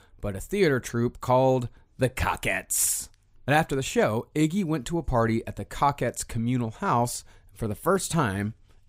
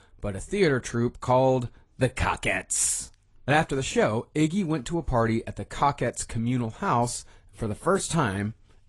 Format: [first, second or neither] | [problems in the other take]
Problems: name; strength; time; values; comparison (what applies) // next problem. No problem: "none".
first | garbled, watery; slightly; nothing above 10.5 kHz